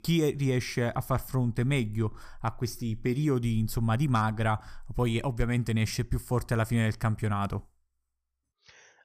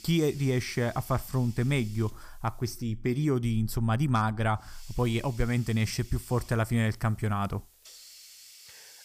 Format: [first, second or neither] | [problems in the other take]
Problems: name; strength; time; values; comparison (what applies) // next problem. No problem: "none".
first | hiss; faint; until 2.5 s and from 4.5 s on; 20 dB below the speech